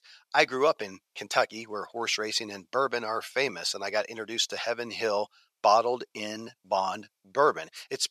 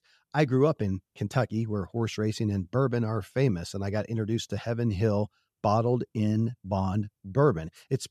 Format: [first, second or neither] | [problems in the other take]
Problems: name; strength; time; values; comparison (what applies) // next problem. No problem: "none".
second | thin; very; fading below 750 Hz